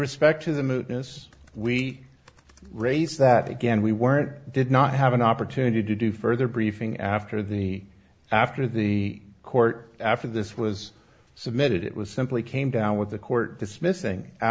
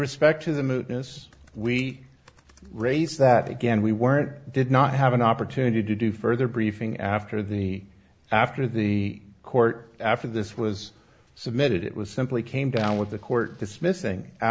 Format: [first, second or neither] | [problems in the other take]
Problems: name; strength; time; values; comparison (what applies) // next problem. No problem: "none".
first | background sound (Coin (dropping)); 20 dB below the speech